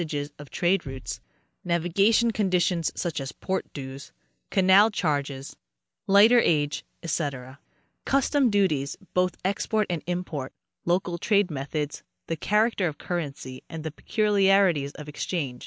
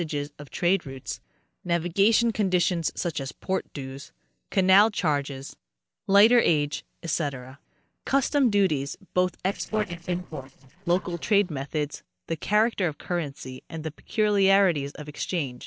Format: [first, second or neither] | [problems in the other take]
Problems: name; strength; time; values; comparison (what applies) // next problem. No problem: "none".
first | noise reduction (neural separator model SepFormer DNS4)